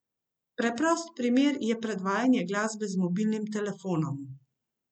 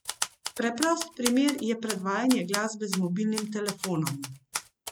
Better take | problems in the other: first | background sound (Typewriter); 8 dB below the speech

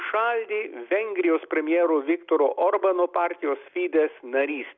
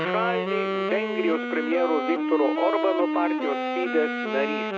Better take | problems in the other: first | background sound (Wind instrument, woodwind instrument); 1 dB below the speech

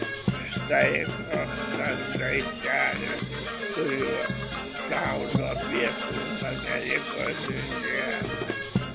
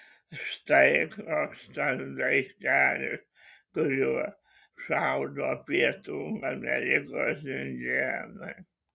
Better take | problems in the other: second | background sound (Brass instrument / Percussion); 1 dB below the speech

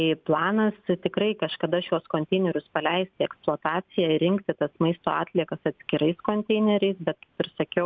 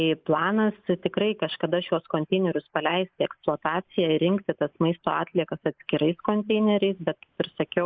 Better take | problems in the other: first | noise reduction (neural mask model Resemble Enhance denoiser)

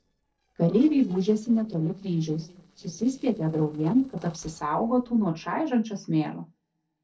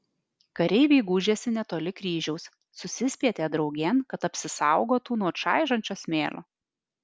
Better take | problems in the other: second | noise reduction (neural separator model SepFormer DNS4)

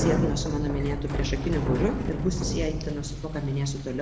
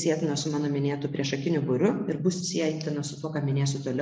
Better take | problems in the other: second | background sound (Bicycle); as loud as the speech

